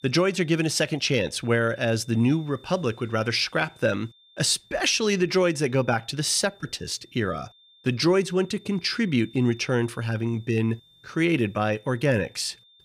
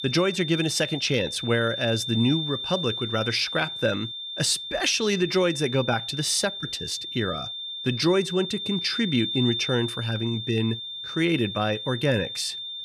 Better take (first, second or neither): first